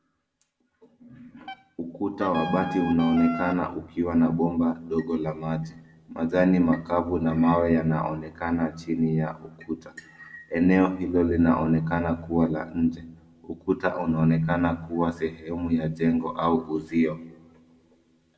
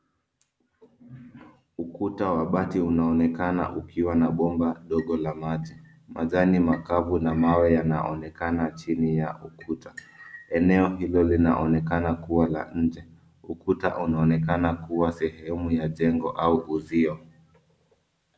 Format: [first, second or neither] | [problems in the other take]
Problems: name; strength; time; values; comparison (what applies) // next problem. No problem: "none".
second | background sound (Wind instrument, woodwind instrument); 10 dB below the speech // room echo; dies away in 0.6 s